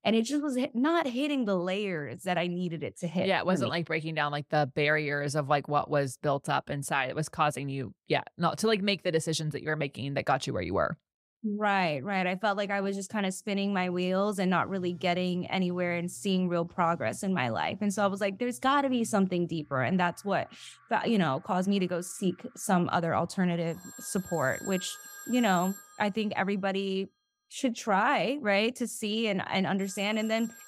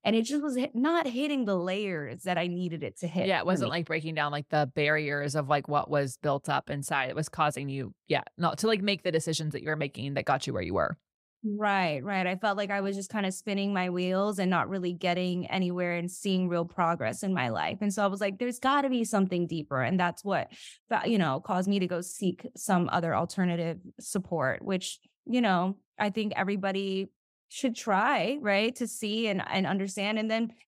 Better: second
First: alarms or sirens; noticeable; from 14 s on; 20 dB below the speech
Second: none

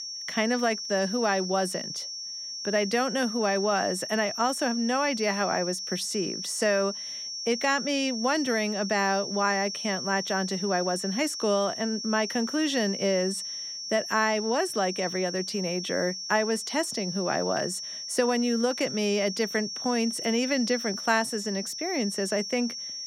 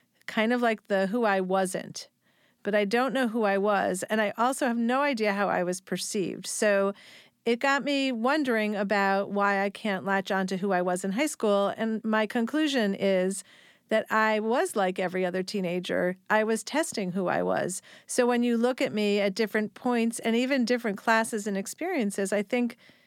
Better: second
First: high-pitched whine; loud; throughout; 5.5 kHz, 5 dB below the speech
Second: none

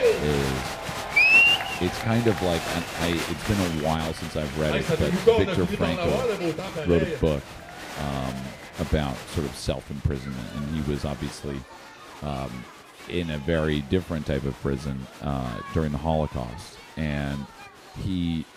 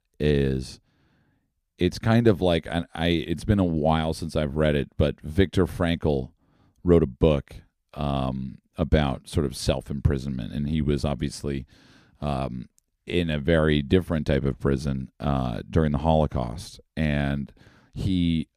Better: second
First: crowd noise; very loud; throughout; 4 dB above the speech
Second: none

